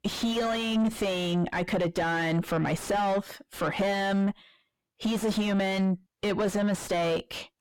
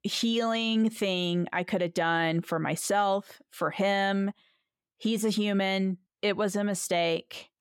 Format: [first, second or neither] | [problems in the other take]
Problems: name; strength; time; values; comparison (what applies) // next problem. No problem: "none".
second | distortion; heavy; 5 dB below the speech